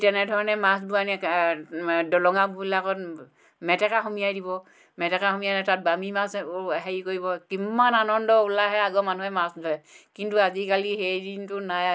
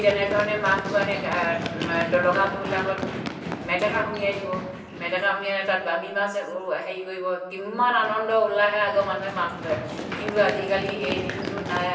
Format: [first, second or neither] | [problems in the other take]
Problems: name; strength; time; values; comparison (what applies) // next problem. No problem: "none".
first | background sound (Run); 8 dB below the speech // room echo; dies away in 1 s